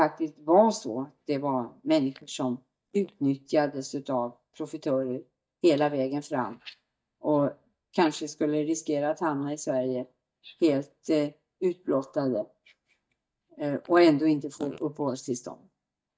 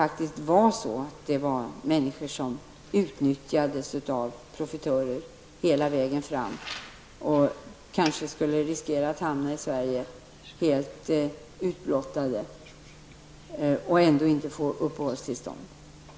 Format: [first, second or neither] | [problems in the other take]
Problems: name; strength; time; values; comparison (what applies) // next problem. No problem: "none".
second | noise reduction (neural mask model DeepFilterNet 3)